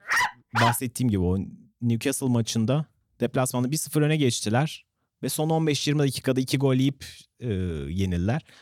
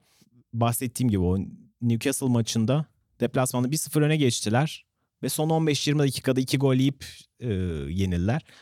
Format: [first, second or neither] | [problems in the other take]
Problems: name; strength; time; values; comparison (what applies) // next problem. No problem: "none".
second | dog barking; loud; at the start; peak 2 dB above the speech